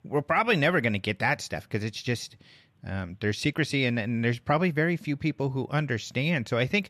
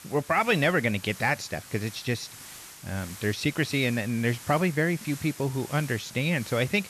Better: first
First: none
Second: hiss; noticeable; throughout; 15 dB below the speech

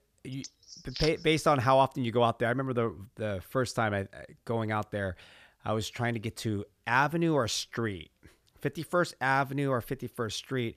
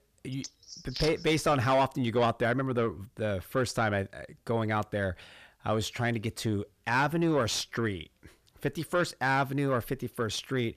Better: first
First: none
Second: distortion; slight; 10 dB below the speech

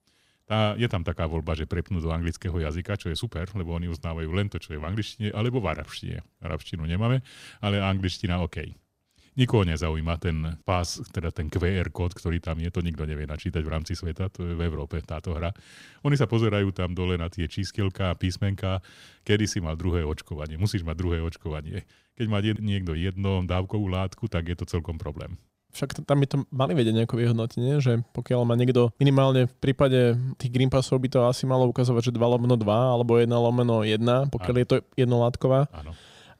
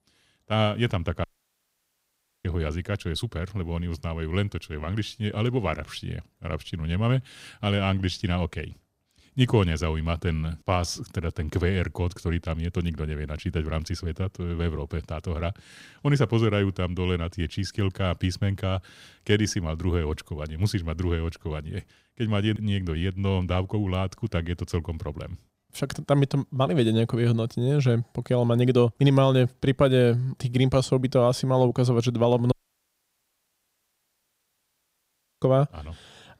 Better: first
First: none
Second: audio cutting out; at 1 s for 1 s and at 33 s for 3 s

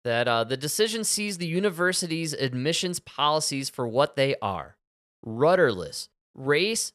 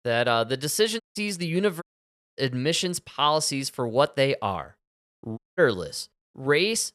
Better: first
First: none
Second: audio cutting out; at 1 s, at 2 s for 0.5 s and at 5.5 s

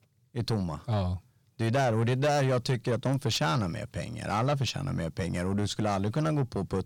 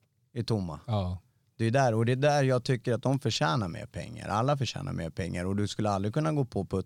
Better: second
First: distortion; slight; 10 dB below the speech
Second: none

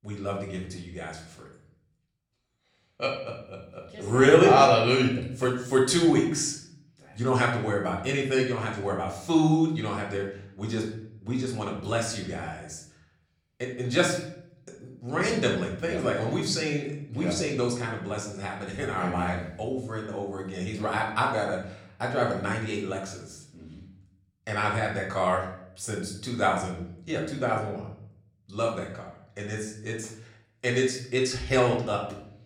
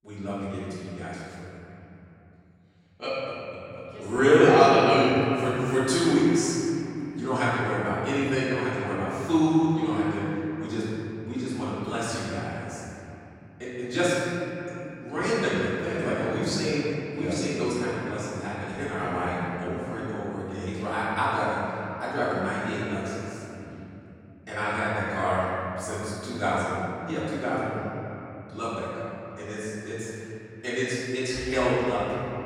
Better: first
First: room echo; slight; dies away in 0.6 s // off-mic speech; far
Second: room echo; strong; dies away in 3 s // off-mic speech; far

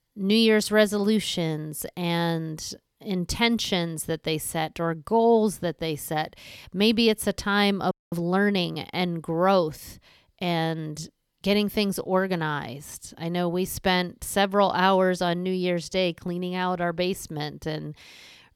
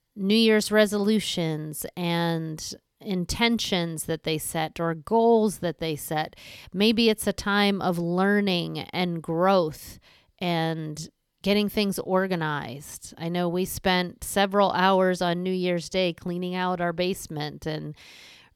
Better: second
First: audio freezing; at 8 s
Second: none

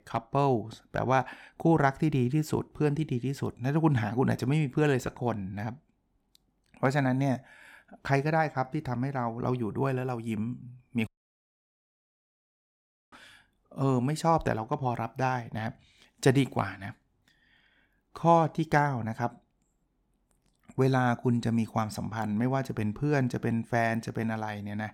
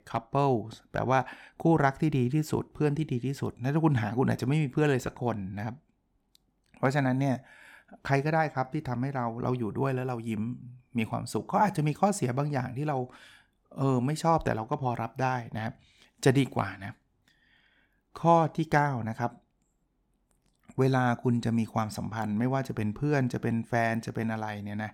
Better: second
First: audio cutting out; at 11 s for 2 s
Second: none

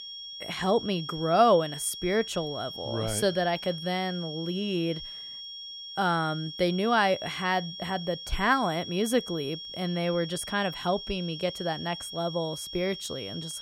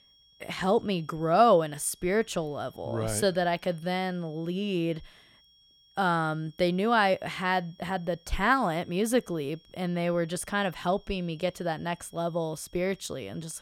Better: second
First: high-pitched whine; loud; throughout; 3.5 kHz, 9 dB below the speech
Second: high-pitched whine; faint; throughout; 3.5 kHz, 30 dB below the speech

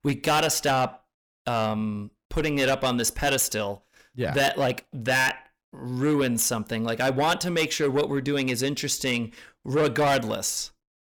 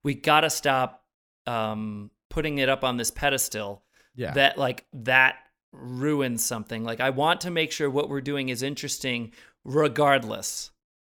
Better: second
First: distortion; heavy; 7 dB below the speech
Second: none

